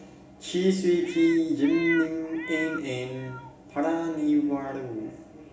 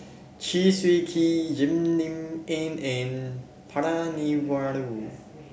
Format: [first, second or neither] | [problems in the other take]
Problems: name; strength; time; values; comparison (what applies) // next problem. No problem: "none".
second | background sound (Meow); 11 dB below the speech // room echo; dies away in 0.8 s